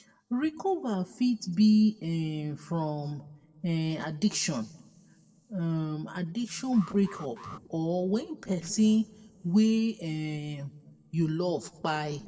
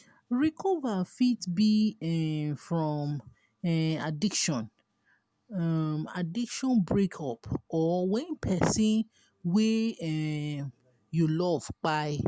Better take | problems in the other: second | noise reduction (neural separator model SepFormer DNS4)

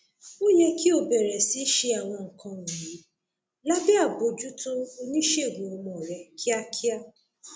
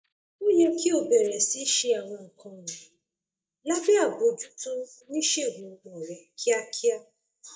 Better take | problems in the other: first | noise reduction (neural mask model DeepFilterNet 3)

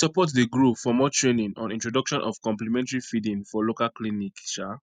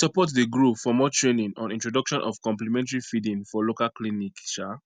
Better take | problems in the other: second | noise reduction (neural mask model Resemble Enhance denoiser)

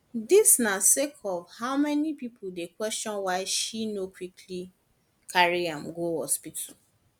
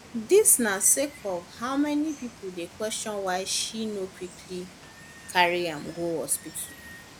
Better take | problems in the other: first | background sound (Water); 20 dB below the speech

